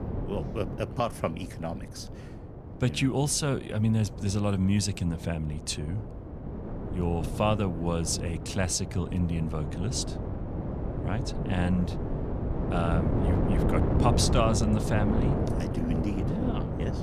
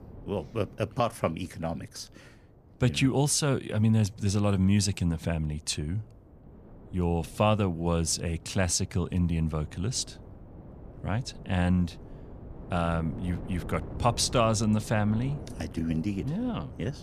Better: second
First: wind noise on the microphone; heavy; 5 dB below the speech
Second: wind noise on the microphone; occasional gusts; 20 dB below the speech

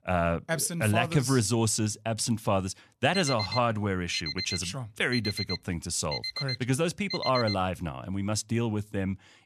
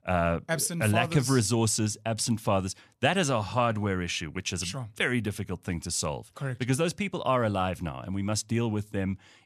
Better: second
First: alarm; noticeable; from 3 to 7.5 s; peak 3 dB below the speech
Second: none

